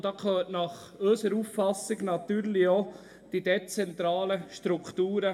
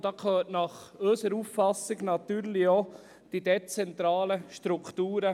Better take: second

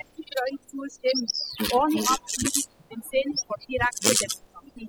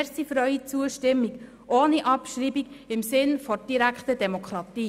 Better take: second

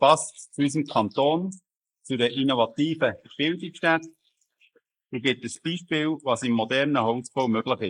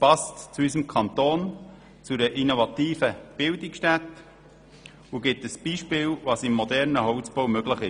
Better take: second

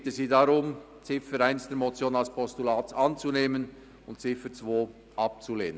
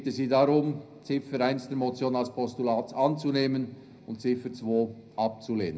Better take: first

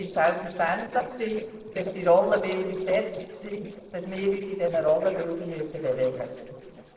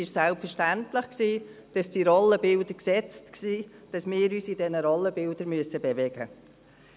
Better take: second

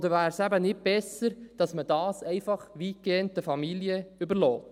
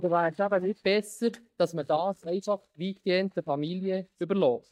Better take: first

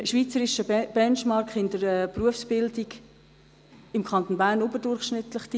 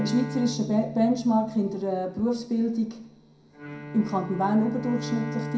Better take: first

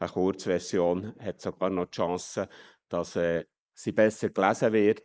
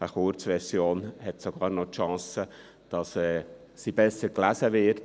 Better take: second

